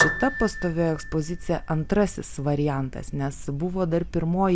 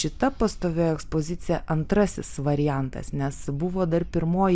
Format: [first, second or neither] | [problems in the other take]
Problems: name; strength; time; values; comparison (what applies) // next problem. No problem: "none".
second | background sound (Piano); 8 dB below the speech